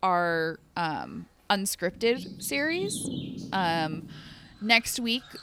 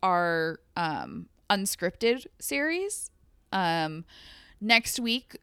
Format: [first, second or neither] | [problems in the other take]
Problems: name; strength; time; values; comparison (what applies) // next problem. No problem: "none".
second | animal sounds; noticeable; throughout; 10 dB below the speech